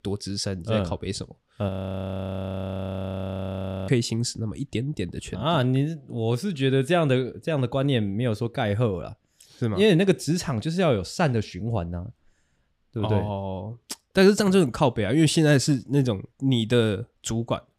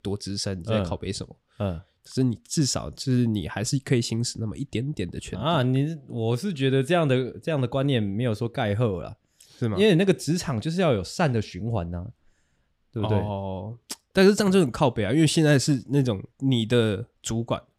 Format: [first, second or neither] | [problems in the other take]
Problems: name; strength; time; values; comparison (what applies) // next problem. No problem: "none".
second | audio freezing; at 1.5 s for 2 s